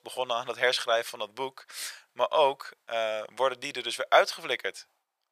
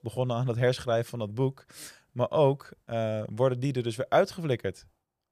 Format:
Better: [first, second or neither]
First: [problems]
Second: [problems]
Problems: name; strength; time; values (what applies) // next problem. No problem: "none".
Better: second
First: thin; very; fading below 900 Hz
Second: none